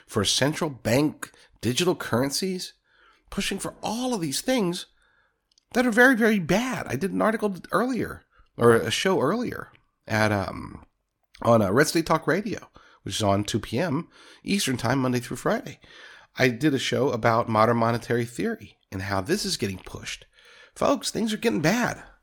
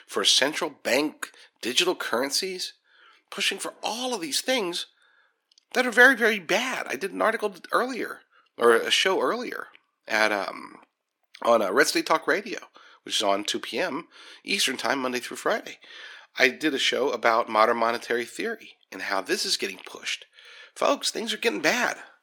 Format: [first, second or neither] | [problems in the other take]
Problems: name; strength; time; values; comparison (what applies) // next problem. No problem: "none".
first | thin; somewhat; fading below 300 Hz